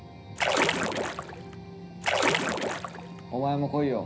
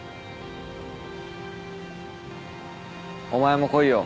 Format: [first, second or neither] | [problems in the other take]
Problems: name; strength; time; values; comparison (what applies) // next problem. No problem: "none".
second | background sound (Splash, splatter); 5 dB above the speech // room echo; dies away in 0.4 s